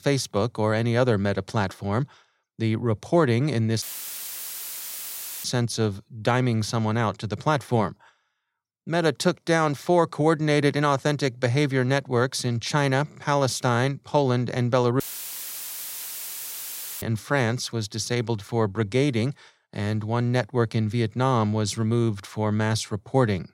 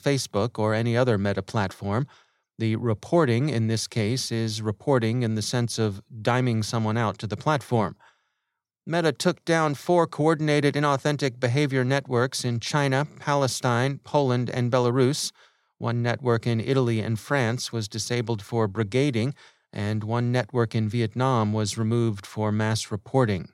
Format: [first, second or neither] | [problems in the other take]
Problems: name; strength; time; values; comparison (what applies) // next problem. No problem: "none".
second | audio cutting out; filled with static; at 4 s for 1.5 s and at 15 s for 2 s